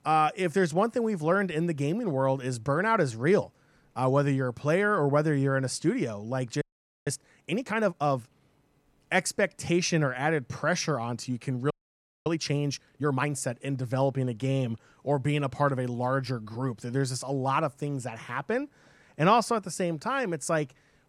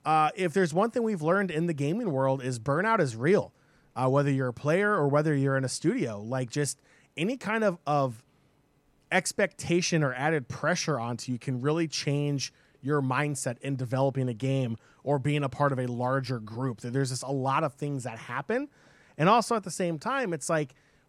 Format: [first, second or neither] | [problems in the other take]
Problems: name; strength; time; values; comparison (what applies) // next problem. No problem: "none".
second | audio freezing; at 6.5 s and at 12 s for 0.5 s